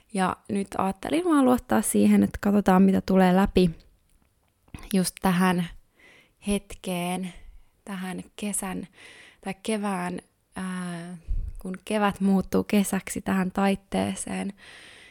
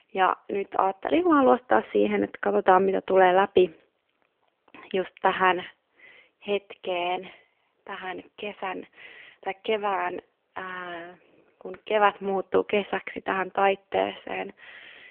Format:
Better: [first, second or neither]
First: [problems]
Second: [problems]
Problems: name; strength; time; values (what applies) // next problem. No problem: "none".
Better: first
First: none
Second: phone-call audio